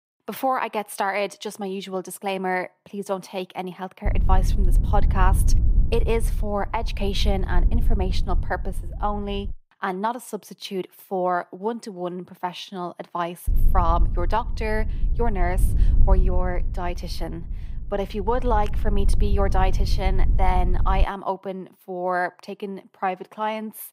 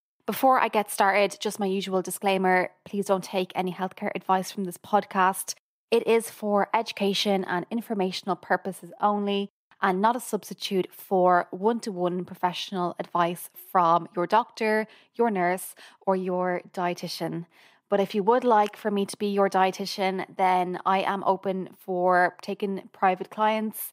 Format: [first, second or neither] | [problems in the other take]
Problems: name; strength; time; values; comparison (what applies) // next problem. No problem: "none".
second | low rumble; noticeable; from 4 to 9.5 s and from 13 to 21 s; 15 dB below the speech